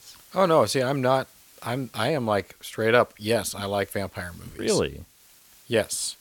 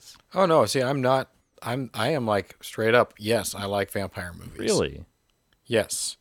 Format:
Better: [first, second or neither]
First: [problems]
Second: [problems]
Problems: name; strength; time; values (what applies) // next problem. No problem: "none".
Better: second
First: hiss; faint; throughout; 25 dB below the speech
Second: none